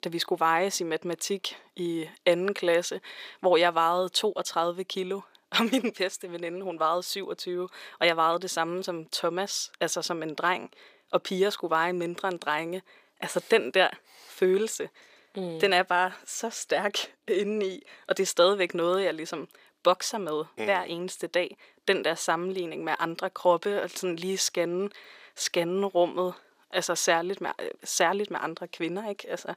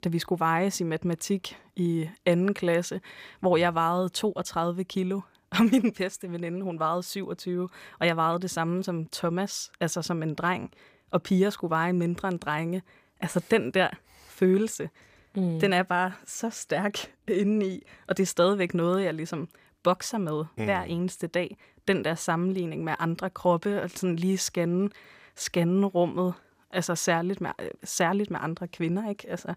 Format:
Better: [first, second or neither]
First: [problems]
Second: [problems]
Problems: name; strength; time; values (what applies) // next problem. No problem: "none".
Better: second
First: thin; somewhat; fading below 400 Hz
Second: none